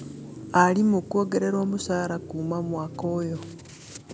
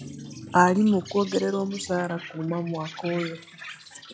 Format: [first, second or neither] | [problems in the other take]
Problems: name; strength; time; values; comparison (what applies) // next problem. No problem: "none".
first | noise reduction (classical method log-MMSE)